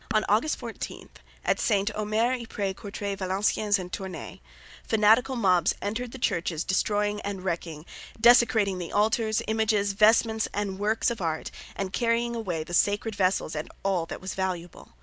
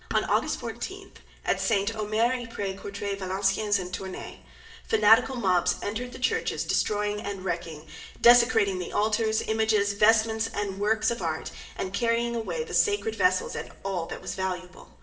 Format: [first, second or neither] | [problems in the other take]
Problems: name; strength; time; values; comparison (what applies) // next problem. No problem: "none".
first | room echo; dies away in 0.6 s